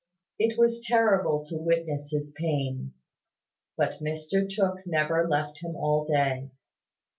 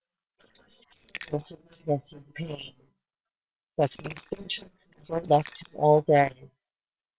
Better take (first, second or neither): first